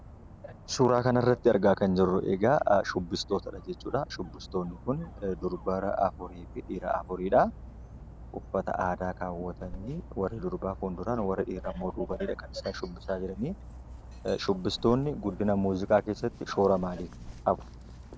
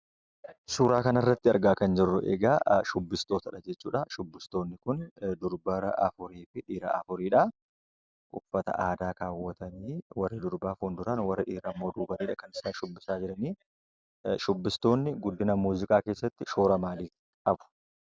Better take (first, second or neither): second